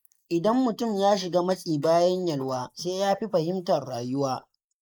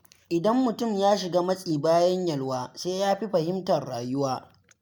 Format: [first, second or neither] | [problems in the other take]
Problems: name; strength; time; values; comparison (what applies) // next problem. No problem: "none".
second | noise reduction (neural mask model Resemble Enhance denoiser)